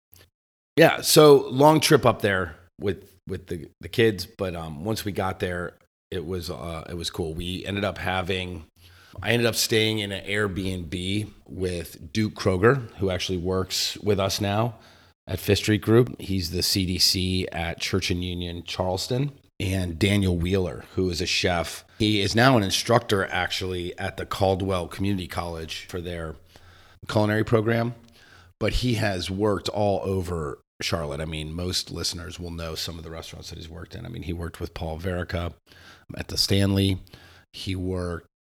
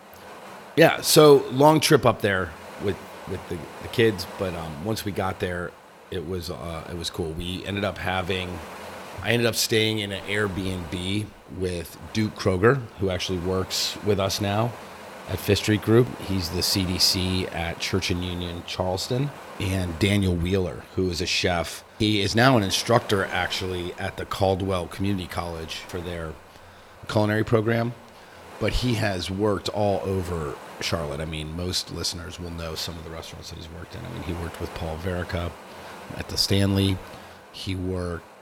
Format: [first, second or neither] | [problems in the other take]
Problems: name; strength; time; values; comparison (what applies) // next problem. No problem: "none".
first | wind noise on the microphone; occasional gusts; 15 dB below the speech